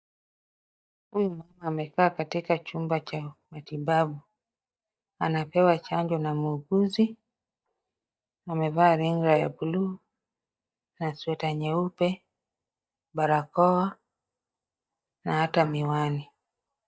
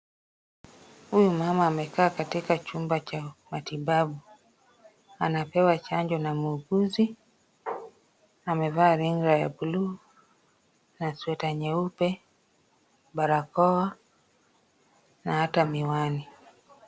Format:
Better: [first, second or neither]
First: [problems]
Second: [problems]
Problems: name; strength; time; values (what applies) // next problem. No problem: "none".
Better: second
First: noise reduction (neural mask model DeepFilterNet 3)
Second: none